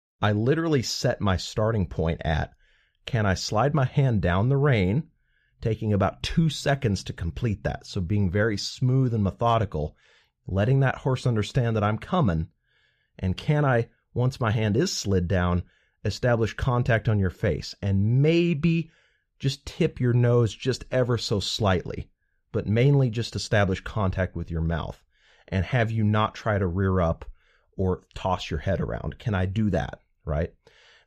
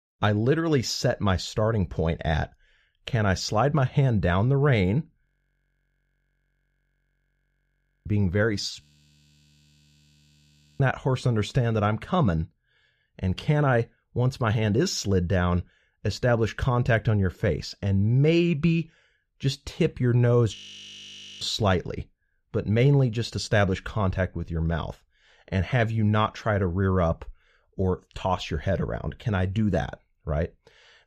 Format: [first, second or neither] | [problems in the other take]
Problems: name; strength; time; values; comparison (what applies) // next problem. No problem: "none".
first | audio freezing; at 5.5 s for 3 s, at 9 s for 2 s and at 21 s for 1 s